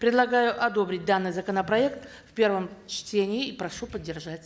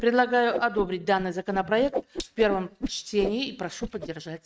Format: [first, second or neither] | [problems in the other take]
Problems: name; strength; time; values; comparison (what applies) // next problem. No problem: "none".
first | noise reduction (neural mask model RNNoise)